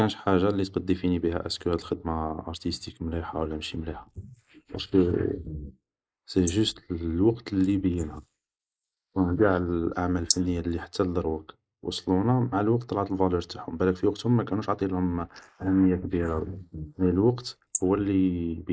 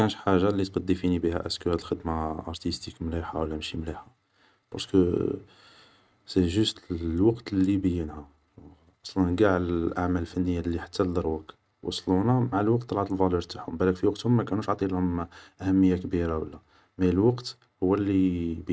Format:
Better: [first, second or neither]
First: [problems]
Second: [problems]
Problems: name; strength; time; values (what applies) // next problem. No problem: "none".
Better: second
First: noise reduction (neural mask model Resemble Enhance denoiser)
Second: none